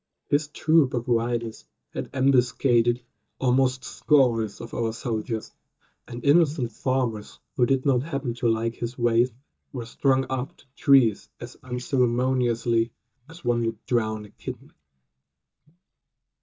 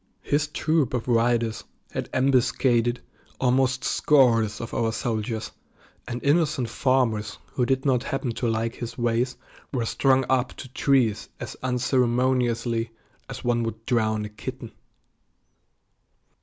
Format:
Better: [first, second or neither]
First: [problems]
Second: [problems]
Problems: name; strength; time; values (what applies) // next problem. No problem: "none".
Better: second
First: noise reduction (neural mask model DeepFilterNet 3)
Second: none